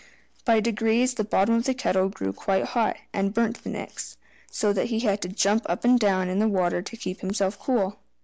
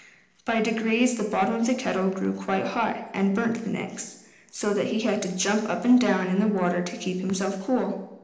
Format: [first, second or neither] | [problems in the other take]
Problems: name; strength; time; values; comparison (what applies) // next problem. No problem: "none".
first | room echo; dies away in 0.9 s